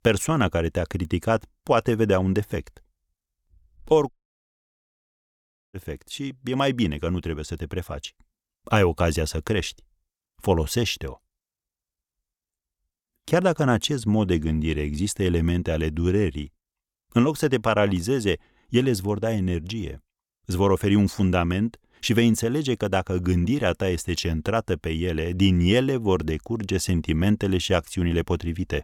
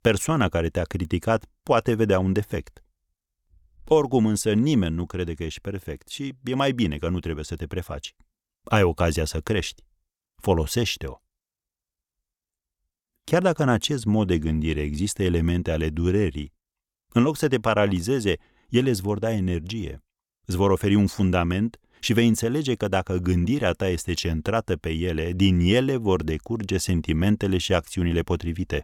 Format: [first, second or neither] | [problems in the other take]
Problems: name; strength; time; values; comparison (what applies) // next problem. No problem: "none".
second | audio cutting out; at 4 s for 1.5 s